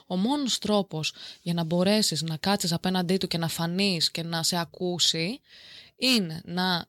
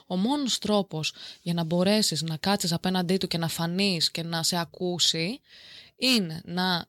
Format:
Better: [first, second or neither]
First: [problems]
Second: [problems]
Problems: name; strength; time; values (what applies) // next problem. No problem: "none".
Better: neither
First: none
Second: none